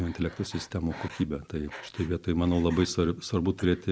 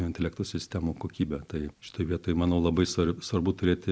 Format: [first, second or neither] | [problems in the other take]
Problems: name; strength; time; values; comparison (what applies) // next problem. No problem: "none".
second | background sound (Breathing); 19 dB below the speech